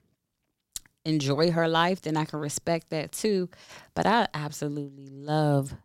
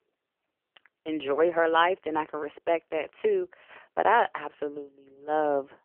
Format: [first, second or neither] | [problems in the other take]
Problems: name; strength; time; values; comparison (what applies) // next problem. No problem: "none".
first | phone-call audio; poor line; nothing above 3 kHz